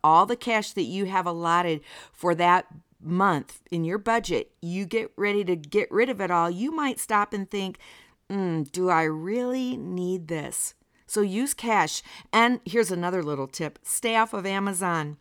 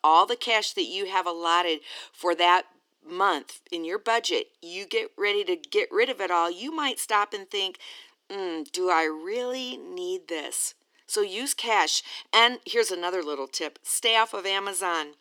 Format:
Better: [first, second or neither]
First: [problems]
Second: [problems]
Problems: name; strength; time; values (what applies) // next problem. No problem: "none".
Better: first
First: none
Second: thin; somewhat; fading below 300 Hz